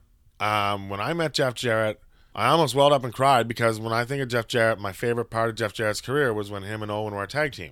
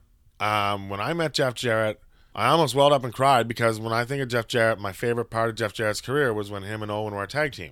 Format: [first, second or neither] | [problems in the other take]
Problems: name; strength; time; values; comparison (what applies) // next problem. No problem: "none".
neither | none